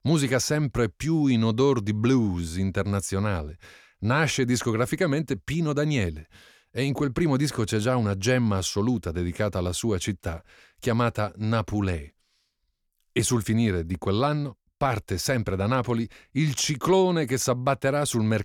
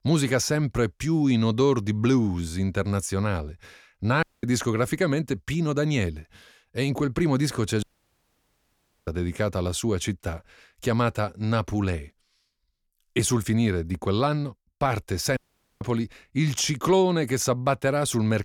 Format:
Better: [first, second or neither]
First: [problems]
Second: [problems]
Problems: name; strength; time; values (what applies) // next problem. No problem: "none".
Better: first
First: none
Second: audio cutting out; at 4 s, at 8 s for 1 s and at 15 s